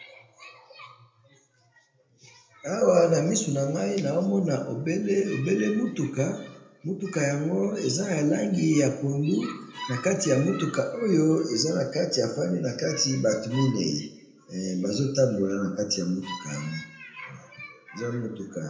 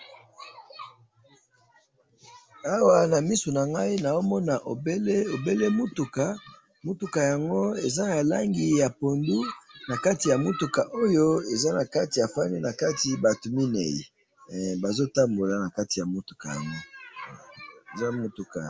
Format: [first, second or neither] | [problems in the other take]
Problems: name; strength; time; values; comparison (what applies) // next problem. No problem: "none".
second | background sound (Bowed string instrument); 16 dB below the speech // room echo; dies away in 0.7 s